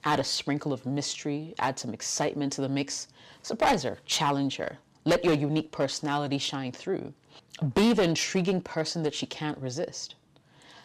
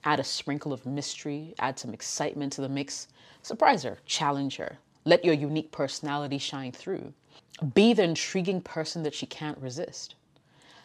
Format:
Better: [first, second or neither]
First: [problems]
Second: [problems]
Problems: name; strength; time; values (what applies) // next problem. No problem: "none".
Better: second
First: distortion; heavy; 4% of the sound clipped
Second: none